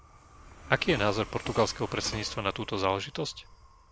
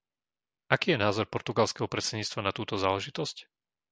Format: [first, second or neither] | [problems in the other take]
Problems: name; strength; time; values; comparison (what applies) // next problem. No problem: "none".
second | background sound (Train); 13 dB below the speech